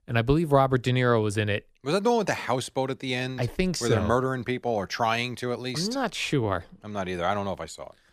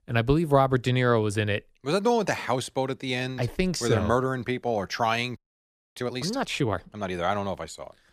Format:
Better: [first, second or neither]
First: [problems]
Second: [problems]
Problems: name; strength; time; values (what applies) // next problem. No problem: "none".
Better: first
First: none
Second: audio freezing; at 5.5 s for 0.5 s